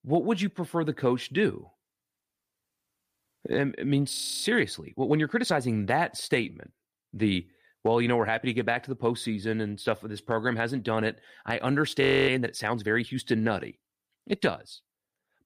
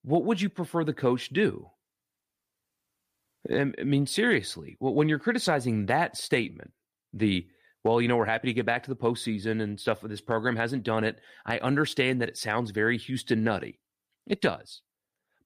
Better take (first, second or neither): second